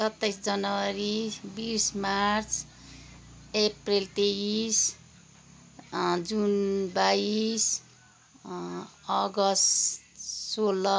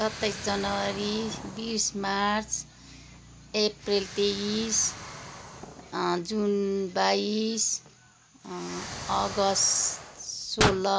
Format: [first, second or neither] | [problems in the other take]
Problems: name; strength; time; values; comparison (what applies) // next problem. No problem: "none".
first | background sound (Explosion); 9 dB below the speech